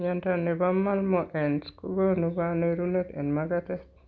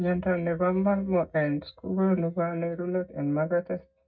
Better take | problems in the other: first | noise reduction (neural mask model DeepFilterNet 3)

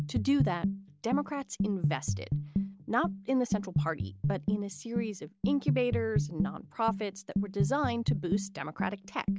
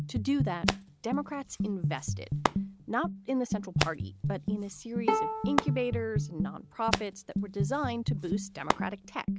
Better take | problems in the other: first | background sound (Bowed string instrument + Hands); 5 dB below the speech

